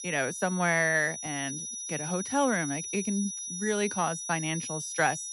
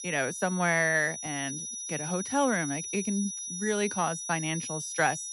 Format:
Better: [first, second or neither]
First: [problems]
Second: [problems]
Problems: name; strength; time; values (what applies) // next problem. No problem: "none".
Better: neither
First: high-pitched whine; loud; throughout; 6 kHz, 5 dB below the speech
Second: high-pitched whine; loud; throughout; 6 kHz, 5 dB below the speech